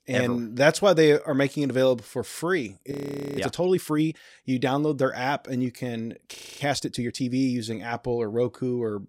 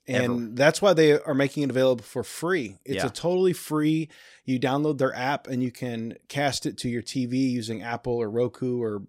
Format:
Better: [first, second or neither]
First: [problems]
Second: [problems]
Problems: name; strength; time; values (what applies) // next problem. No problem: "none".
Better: second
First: audio freezing; at 3 s and at 6.5 s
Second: none